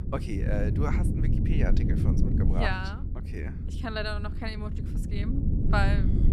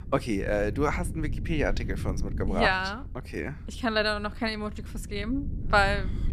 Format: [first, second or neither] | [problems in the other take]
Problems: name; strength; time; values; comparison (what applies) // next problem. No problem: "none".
second | low rumble; loud; throughout; 6 dB below the speech; faint in the second